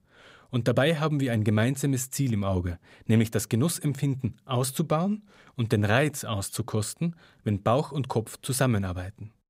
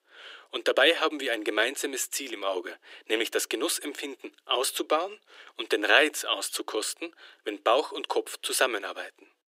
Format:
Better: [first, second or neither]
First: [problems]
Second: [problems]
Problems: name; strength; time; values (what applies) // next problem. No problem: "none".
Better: first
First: none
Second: thin; very; fading below 300 Hz